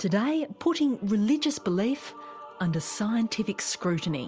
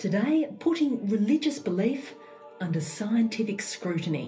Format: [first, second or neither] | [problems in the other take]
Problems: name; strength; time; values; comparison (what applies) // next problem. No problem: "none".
first | room echo; dies away in 0.3 s